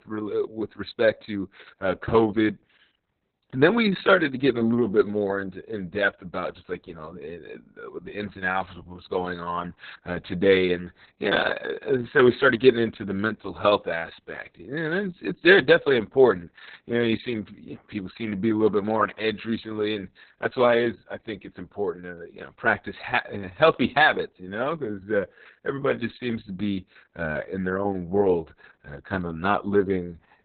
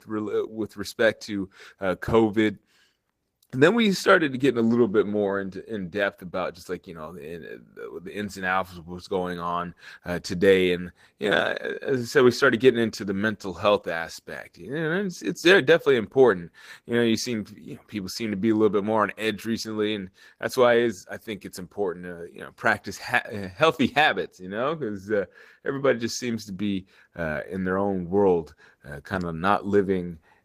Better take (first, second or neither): second